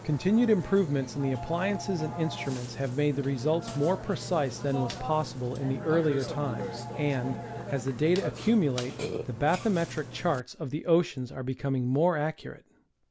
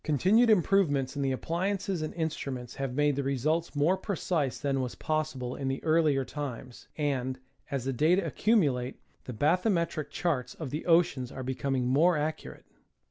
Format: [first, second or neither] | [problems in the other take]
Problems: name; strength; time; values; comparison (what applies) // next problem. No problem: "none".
second | background sound (Burping, eructation); 10 dB below the speech